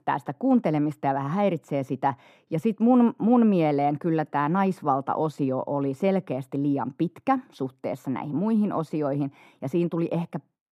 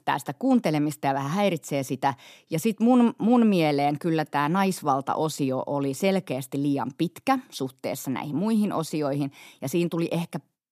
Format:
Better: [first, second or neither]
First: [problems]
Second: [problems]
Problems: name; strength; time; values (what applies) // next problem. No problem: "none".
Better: second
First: muffled; very; fading above 3 kHz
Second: none